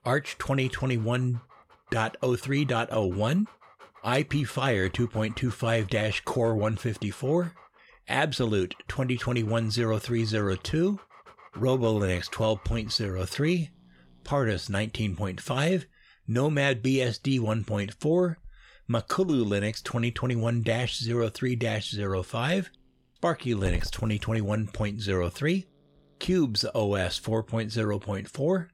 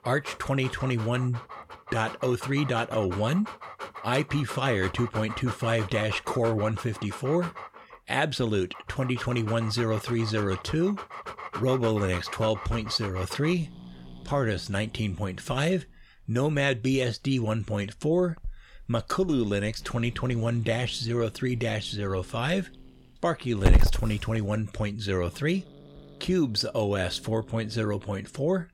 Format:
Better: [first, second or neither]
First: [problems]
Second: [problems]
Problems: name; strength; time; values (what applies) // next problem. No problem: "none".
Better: first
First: animal sounds; faint; throughout; 20 dB below the speech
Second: animal sounds; loud; throughout; 8 dB below the speech